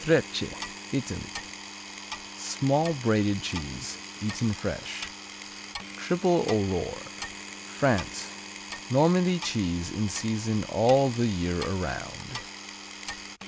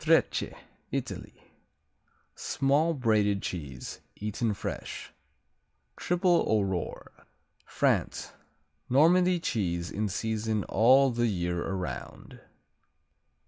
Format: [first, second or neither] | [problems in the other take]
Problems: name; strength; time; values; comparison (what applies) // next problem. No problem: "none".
second | background sound (Clock + Power tool); 11 dB below the speech